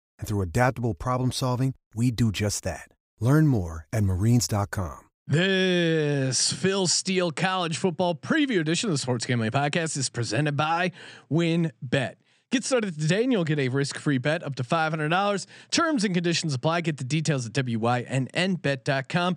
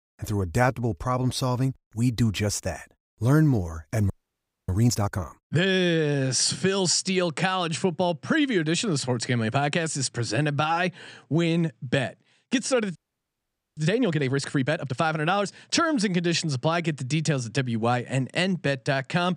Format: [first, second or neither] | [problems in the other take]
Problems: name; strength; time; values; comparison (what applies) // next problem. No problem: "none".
first | audio freezing; at 4 s for 0.5 s and at 13 s for 1 s